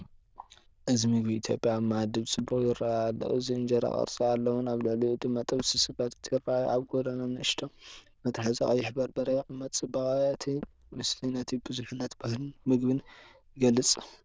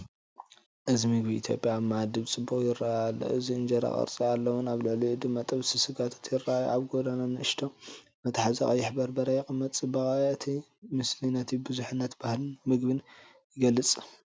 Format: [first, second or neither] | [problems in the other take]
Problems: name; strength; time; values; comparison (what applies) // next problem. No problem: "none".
second | noise reduction (neural diffusion model UNIVERSE++)